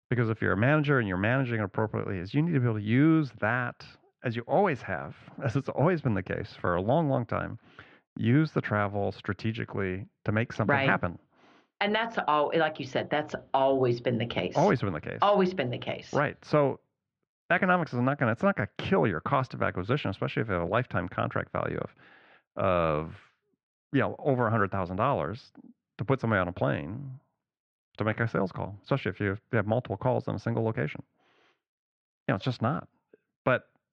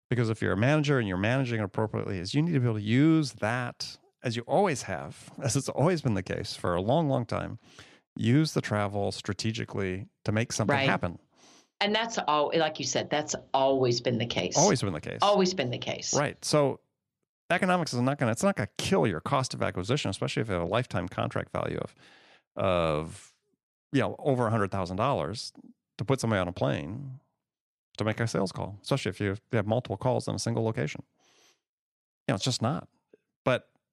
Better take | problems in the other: second | muffled; very; fading above 3 kHz

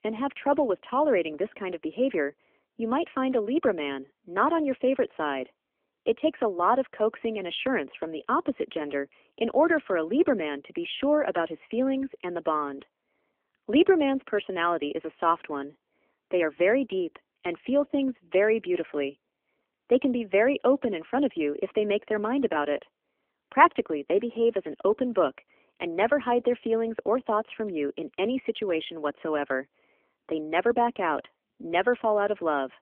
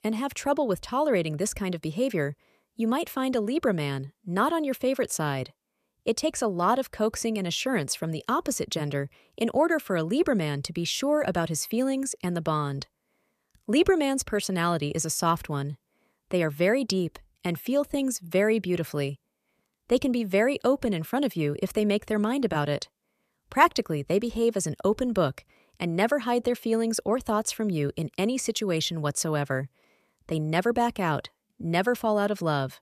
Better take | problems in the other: second | phone-call audio; nothing above 3.5 kHz

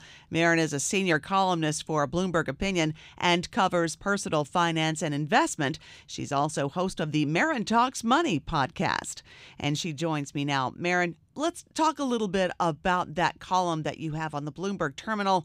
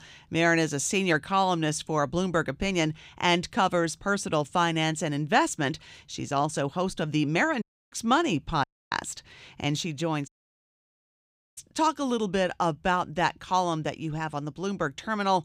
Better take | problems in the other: first | audio cutting out; at 7.5 s, at 8.5 s and at 10 s for 1.5 s

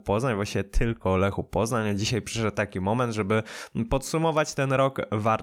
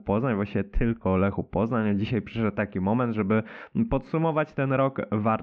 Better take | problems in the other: first | muffled; very; fading above 2.5 kHz

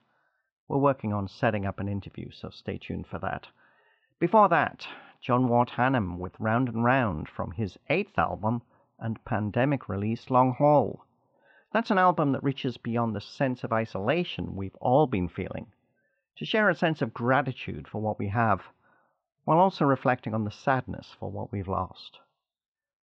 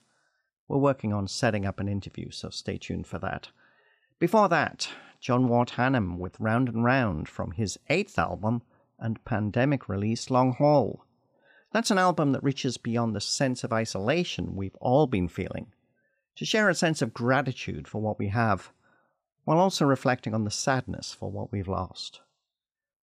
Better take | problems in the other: second | muffled; very; fading above 3 kHz

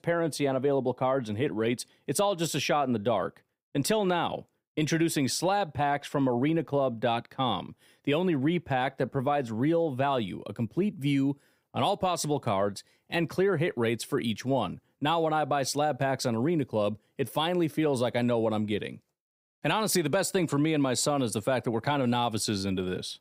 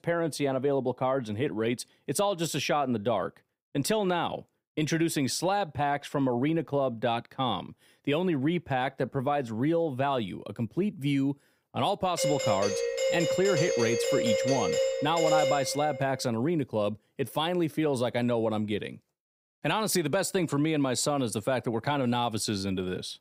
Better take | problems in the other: first | doorbell; loud; from 12 to 16 s; peak 3 dB above the speech

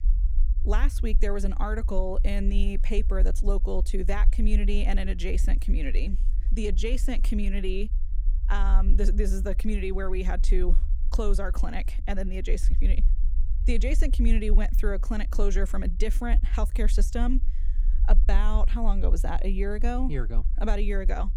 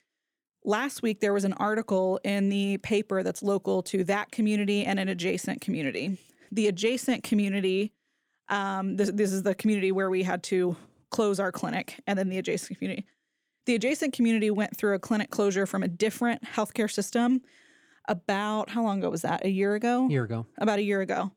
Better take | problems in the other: second | low rumble; noticeable; throughout; 15 dB below the speech

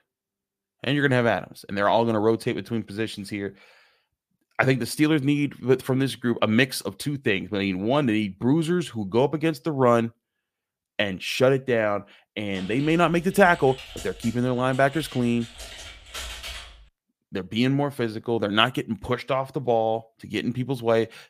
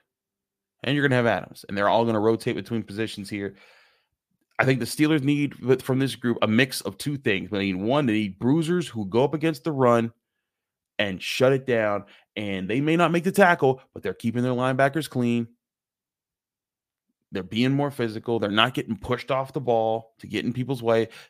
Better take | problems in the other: second | keyboard typing; noticeable; from 13 to 17 s; peak 9 dB below the speech

